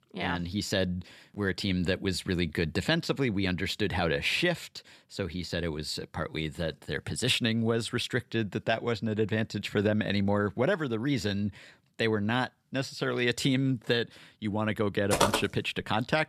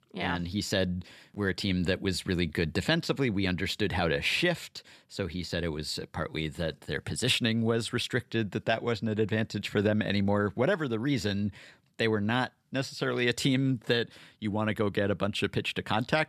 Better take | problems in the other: second | footsteps; loud; at 15 s; peak 3 dB above the speech

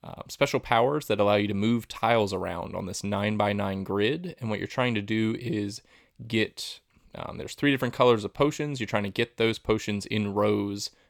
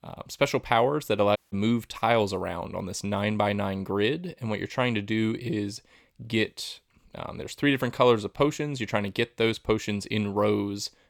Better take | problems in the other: first | audio cutting out; at 1.5 s

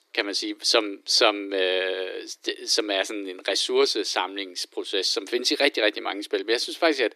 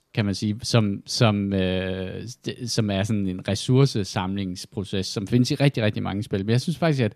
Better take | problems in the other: second | thin; very; fading below 300 Hz

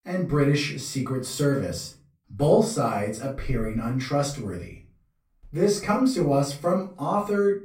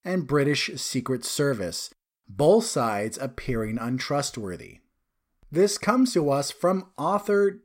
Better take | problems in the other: second | room echo; slight; dies away in 0.3 s // off-mic speech; far

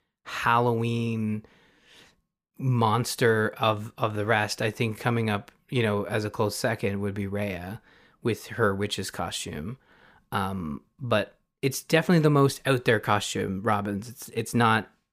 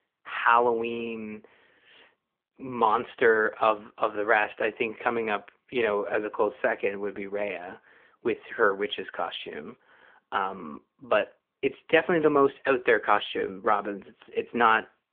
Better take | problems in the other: first | phone-call audio; nothing above 3.5 kHz

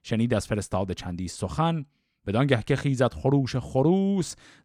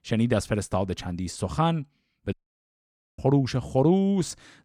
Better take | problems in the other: first | audio cutting out; at 2.5 s for 1 s

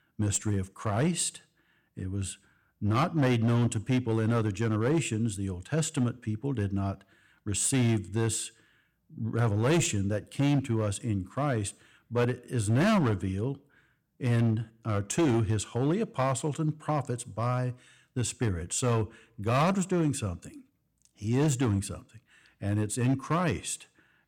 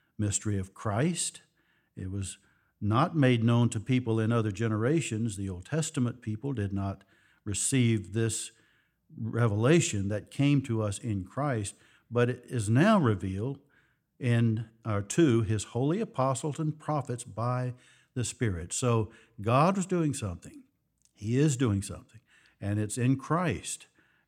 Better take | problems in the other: second | distortion; slight; 6% of the sound clipped

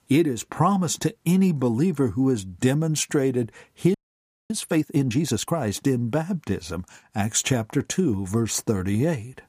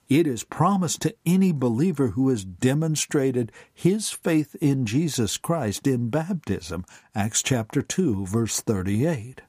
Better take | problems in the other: second | audio freezing; at 4 s for 0.5 s

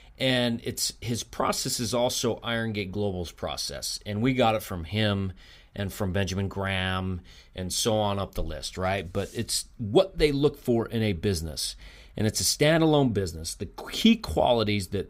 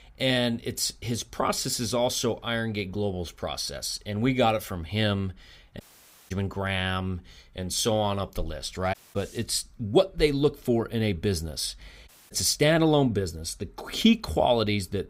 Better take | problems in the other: first | audio cutting out; at 6 s for 0.5 s, at 9 s and at 12 s

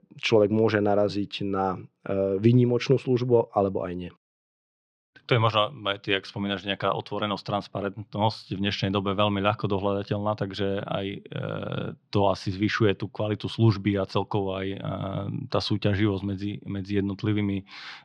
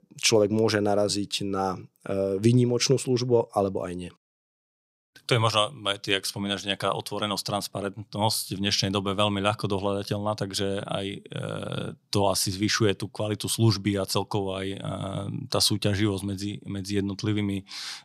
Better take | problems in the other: second | muffled; slightly; fading above 3 kHz

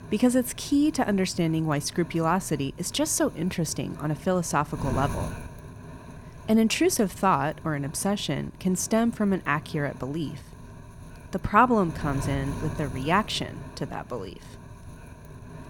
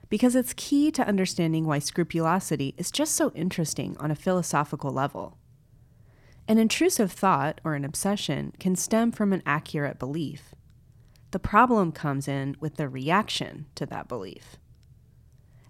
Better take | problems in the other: second | wind noise on the microphone; occasional gusts; 20 dB below the speech

